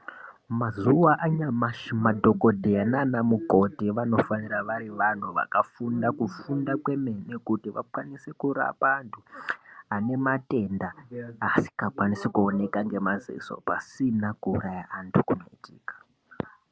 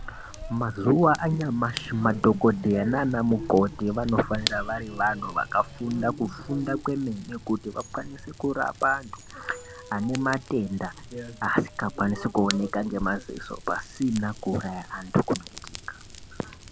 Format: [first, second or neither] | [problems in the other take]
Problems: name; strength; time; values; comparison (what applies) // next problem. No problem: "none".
first | background sound (Fire / Rain); 14 dB below the speech